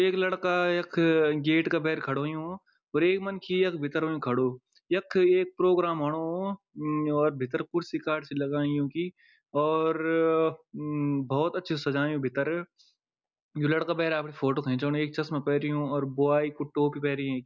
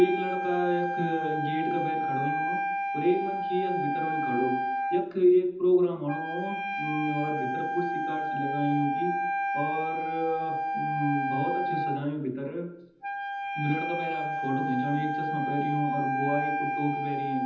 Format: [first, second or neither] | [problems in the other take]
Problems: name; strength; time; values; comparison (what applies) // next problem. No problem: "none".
first | background sound (Wind instrument, woodwind instrument); 1 dB below the speech // room echo; dies away in 0.8 s